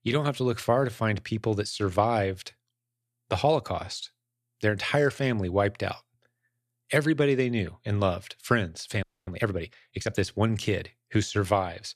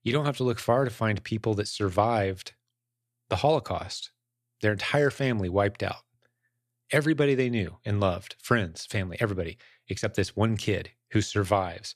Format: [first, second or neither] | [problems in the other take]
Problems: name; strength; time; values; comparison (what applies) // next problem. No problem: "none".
second | audio freezing; at 9 s